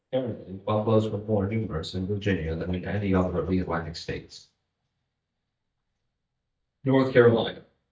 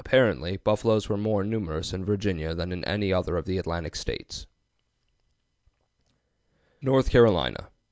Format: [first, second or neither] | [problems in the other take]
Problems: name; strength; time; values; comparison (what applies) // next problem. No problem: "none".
second | noise reduction (neural mask model DeepFilterNet 3)